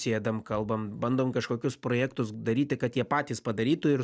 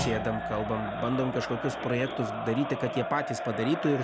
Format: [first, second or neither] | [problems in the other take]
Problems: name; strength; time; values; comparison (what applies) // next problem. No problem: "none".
first | background sound (Crowd + Thump, thud); 4 dB below the speech